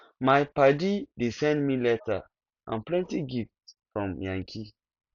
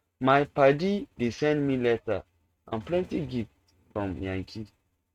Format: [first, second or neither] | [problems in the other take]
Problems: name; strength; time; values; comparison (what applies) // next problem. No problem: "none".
first | noise reduction (neural mask model RNNoise)